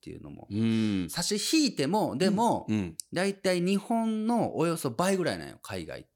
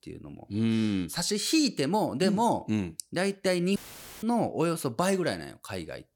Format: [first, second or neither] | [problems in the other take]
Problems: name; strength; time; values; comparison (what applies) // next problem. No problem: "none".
first | audio cutting out; filled with static; at 4 s